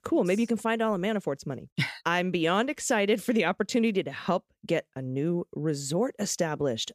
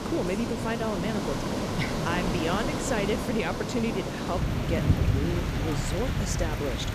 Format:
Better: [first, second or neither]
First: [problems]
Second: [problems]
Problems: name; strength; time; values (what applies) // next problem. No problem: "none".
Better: first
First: none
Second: rain or running water; very loud; throughout; 2 dB above the speech